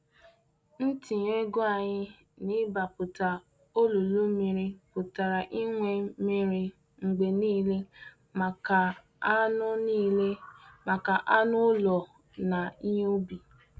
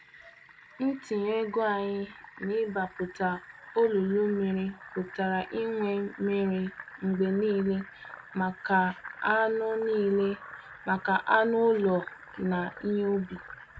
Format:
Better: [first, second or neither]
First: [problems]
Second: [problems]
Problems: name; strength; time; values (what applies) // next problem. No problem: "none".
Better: first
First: none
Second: background sound (Fill (with liquid)); 18 dB below the speech